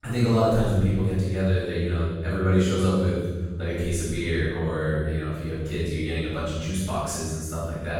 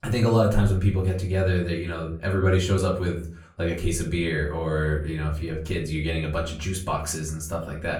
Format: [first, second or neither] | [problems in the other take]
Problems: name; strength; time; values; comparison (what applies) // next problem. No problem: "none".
second | room echo; strong; dies away in 1.5 s; slight in the second // off-mic speech; far; far in the second